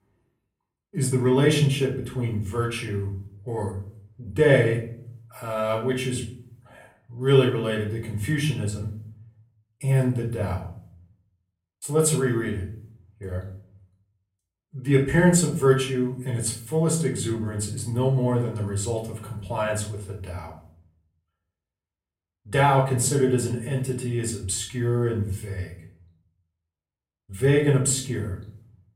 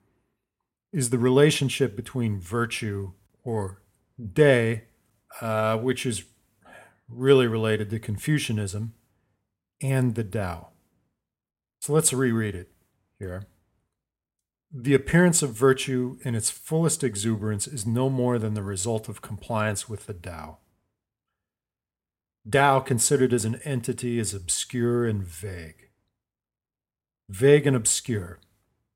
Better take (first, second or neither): second